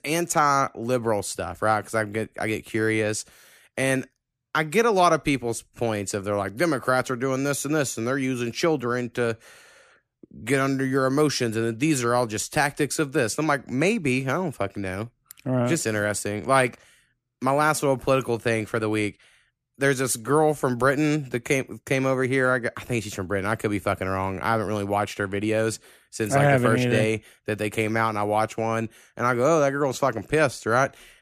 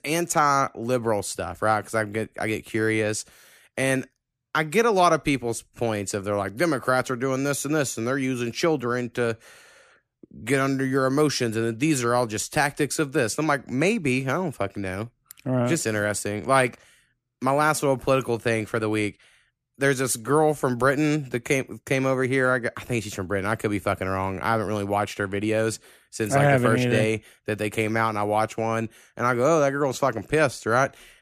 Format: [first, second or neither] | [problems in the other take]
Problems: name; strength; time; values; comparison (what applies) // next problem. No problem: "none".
neither | none